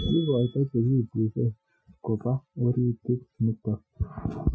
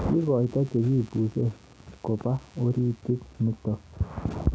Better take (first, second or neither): second